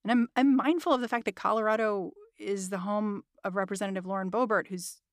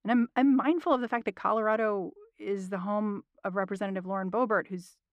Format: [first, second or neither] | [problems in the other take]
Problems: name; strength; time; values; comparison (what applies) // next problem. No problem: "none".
first | muffled; slightly; fading above 4 kHz